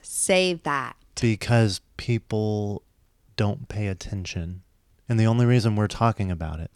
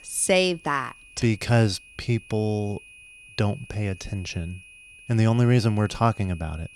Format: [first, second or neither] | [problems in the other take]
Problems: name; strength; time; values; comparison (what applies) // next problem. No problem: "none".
first | high-pitched whine; faint; throughout; 2.5 kHz, 20 dB below the speech